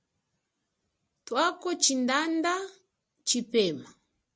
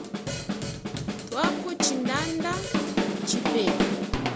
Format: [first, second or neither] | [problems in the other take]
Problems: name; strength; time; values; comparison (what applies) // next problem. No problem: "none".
first | background sound (Drum kit); 4 dB above the speech